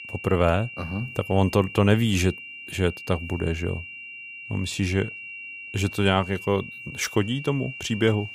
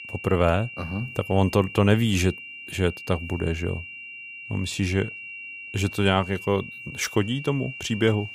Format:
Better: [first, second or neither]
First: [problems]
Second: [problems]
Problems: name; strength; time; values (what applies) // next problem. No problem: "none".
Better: neither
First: high-pitched whine; noticeable; throughout; 3 kHz, 10 dB below the speech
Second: high-pitched whine; noticeable; throughout; 3 kHz, 10 dB below the speech